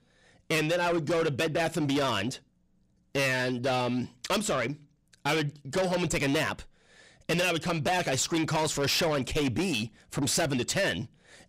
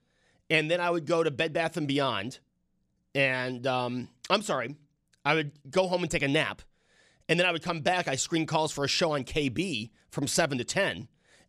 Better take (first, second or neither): second